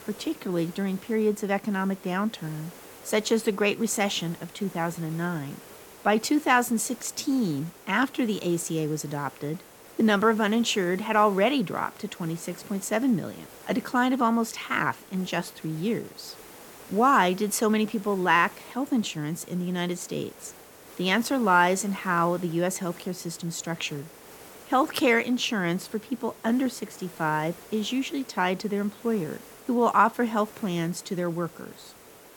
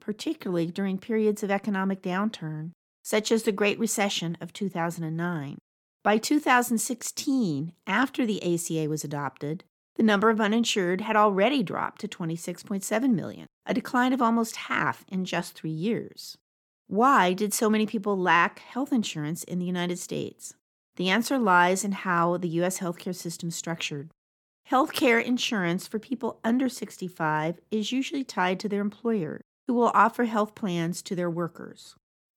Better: second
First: hiss; noticeable; throughout; 20 dB below the speech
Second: none

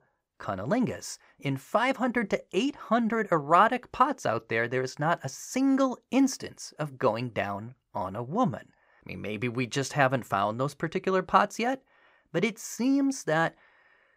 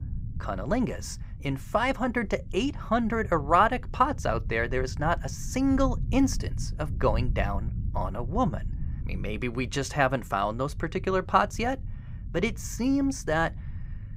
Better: first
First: none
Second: low rumble; faint; throughout; 25 dB below the speech

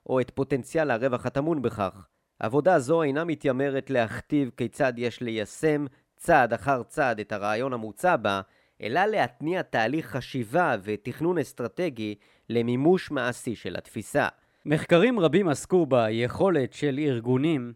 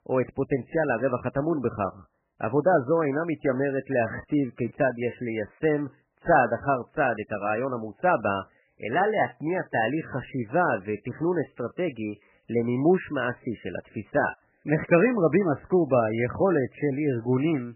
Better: first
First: none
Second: garbled, watery; badly; nothing above 3 kHz

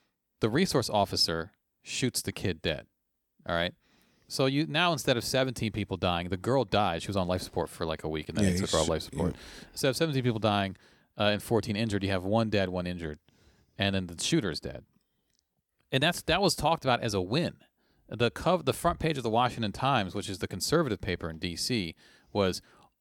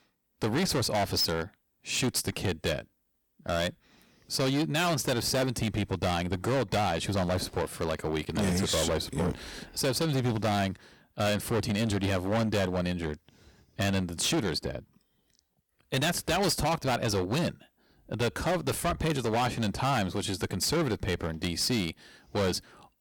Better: first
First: none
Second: distortion; heavy; 16% of the sound clipped

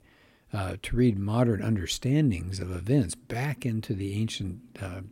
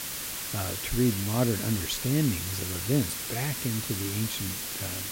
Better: first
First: none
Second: hiss; loud; throughout; 2 dB below the speech

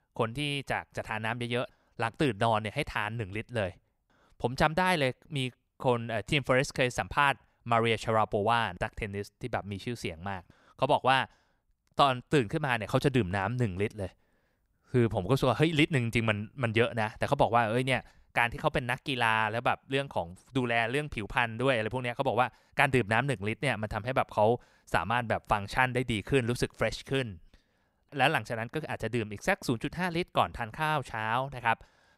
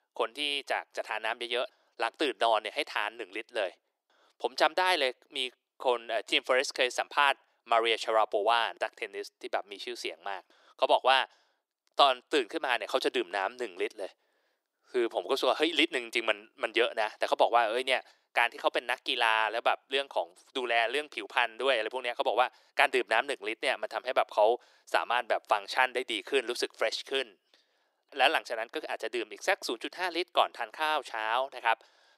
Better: first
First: none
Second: thin; very; fading below 350 Hz

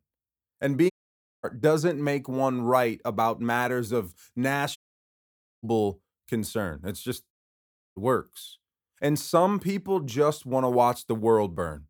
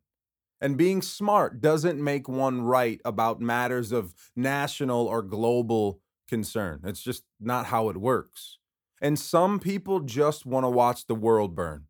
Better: second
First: audio cutting out; at 1 s for 0.5 s, at 5 s for 1 s and at 7.5 s for 0.5 s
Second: none

